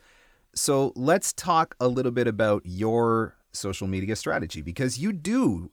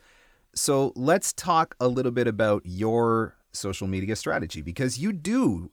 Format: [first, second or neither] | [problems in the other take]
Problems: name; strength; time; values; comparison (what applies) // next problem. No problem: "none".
neither | none